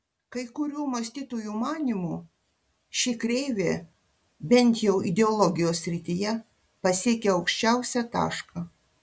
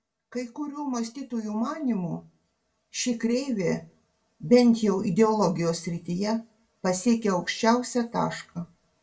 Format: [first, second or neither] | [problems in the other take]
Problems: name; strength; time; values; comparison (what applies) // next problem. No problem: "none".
first | room echo; dies away in 0.2 s